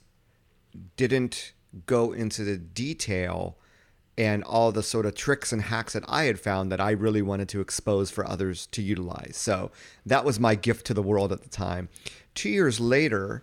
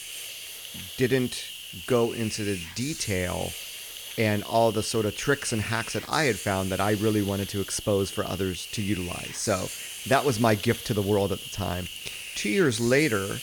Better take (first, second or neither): first